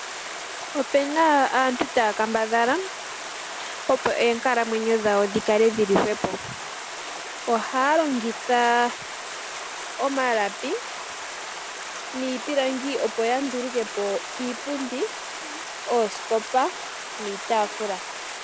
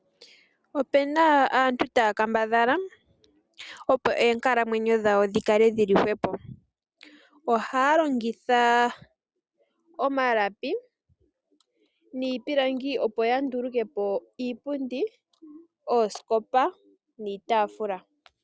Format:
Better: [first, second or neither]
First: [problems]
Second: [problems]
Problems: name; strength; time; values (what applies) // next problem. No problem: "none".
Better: second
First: background sound (Stream); 9 dB below the speech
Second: none